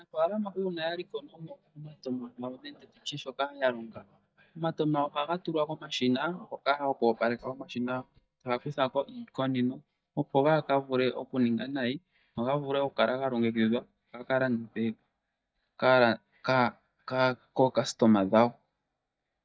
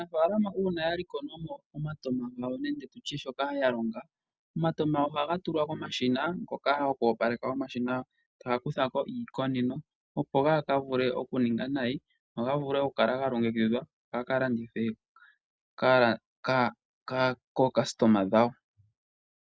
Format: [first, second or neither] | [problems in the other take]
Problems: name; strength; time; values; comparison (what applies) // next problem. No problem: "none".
second | noise reduction (neural mask model DeepFilterNet 3)